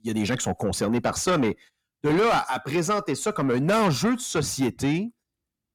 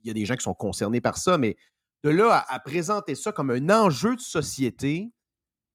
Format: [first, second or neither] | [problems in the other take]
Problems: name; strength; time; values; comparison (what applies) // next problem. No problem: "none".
second | distortion; heavy; 8 dB below the speech